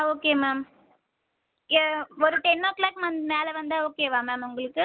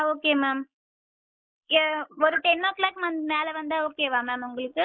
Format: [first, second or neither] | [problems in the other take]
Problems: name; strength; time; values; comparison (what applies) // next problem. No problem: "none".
first | noise reduction (neural mask model Resemble Enhance denoiser)